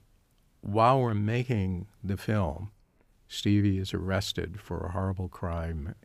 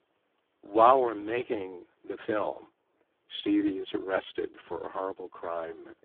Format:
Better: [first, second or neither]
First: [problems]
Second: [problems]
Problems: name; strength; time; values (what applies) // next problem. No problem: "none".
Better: first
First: none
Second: phone-call audio; poor line; nothing above 3.5 kHz